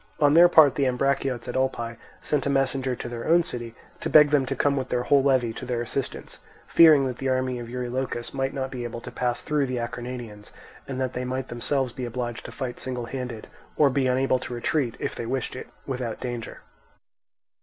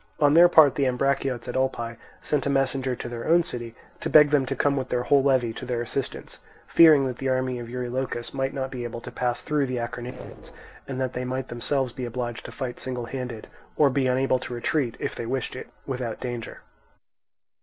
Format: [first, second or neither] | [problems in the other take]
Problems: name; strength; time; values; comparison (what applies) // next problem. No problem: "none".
first | noise reduction (neural separator model SepFormer DNS4)